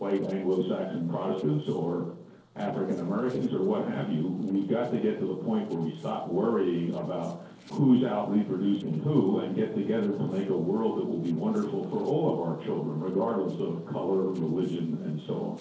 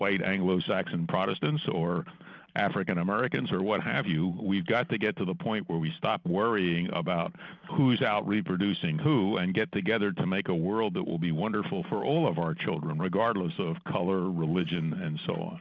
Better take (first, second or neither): second